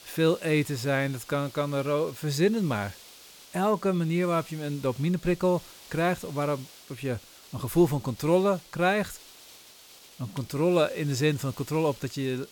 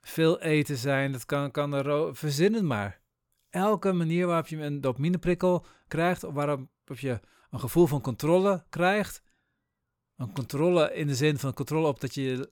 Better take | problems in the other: second | hiss; faint; throughout; 20 dB below the speech

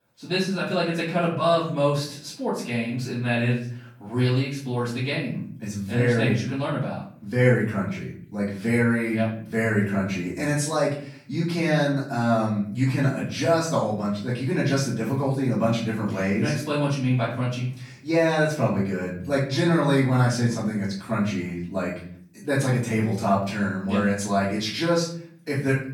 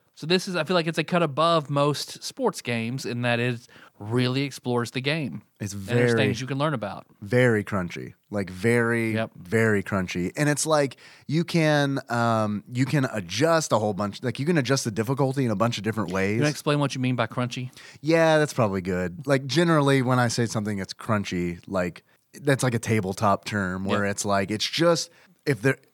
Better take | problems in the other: second | off-mic speech; far // room echo; noticeable; dies away in 0.5 s

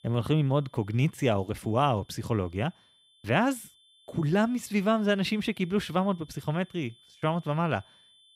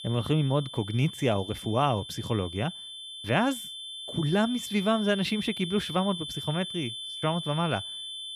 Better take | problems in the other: first | high-pitched whine; loud; throughout; 3.5 kHz, 8 dB below the speech; faint in the first

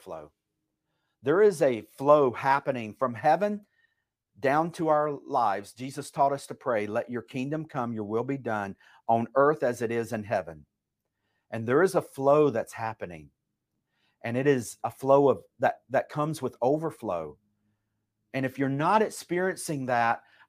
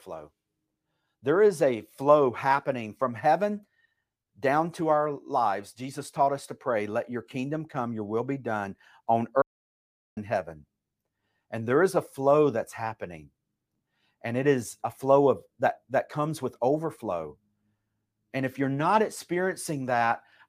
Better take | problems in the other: first | audio cutting out; at 9.5 s for 1 s

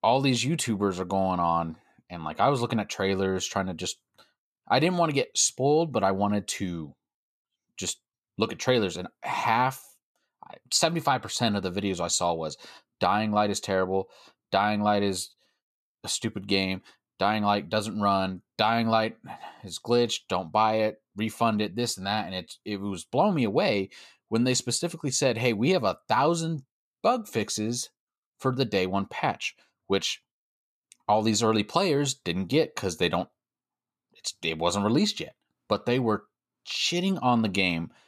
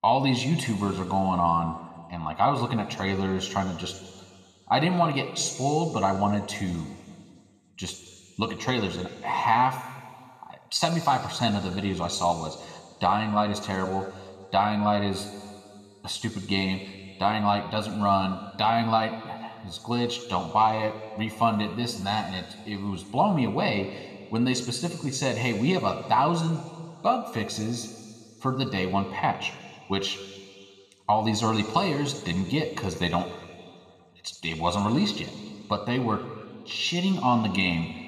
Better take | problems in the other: first | room echo; slight; dies away in 2.1 s

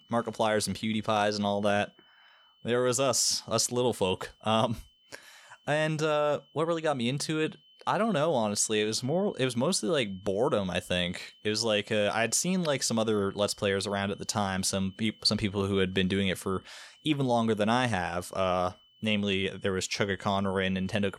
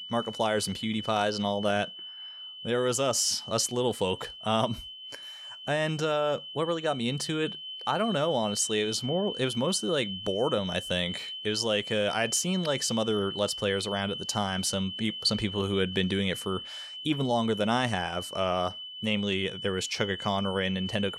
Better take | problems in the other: first | high-pitched whine; loud; throughout; 3 kHz, 9 dB below the speech; faint in the first

